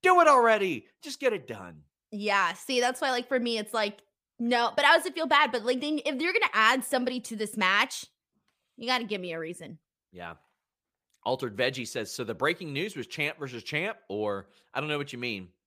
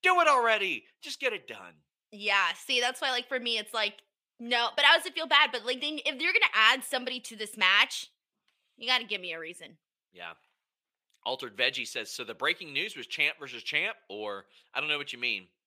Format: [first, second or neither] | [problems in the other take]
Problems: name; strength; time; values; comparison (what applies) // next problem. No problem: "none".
first | thin; somewhat; fading below 1 kHz